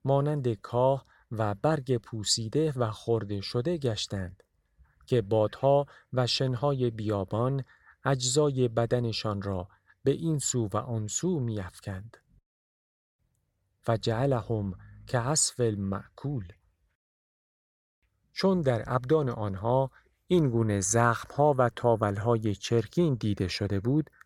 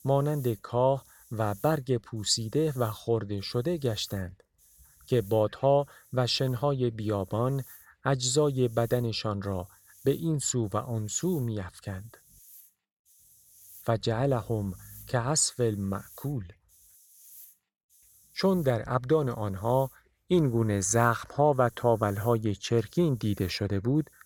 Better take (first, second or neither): first